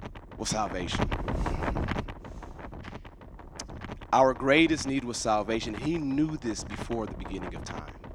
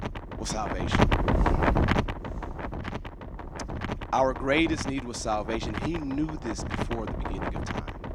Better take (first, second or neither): first